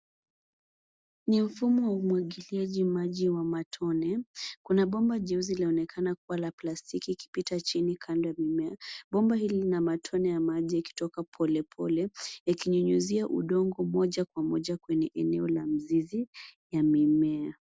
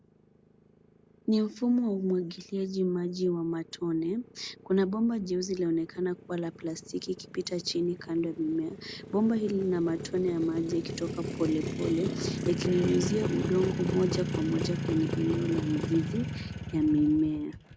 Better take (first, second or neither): first